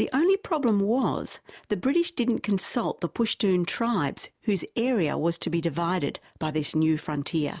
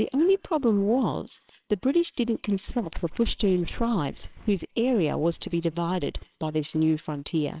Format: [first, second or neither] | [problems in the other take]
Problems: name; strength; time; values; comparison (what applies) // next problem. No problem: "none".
first | noise reduction (neural separator model SepFormer WHAMR!)